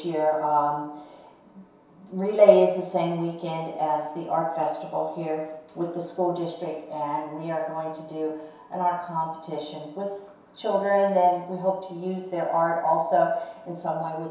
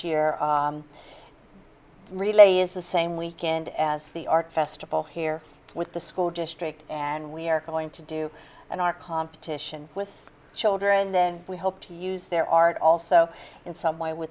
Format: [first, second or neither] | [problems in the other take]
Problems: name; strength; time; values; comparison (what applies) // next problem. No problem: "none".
second | room echo; dies away in 0.7 s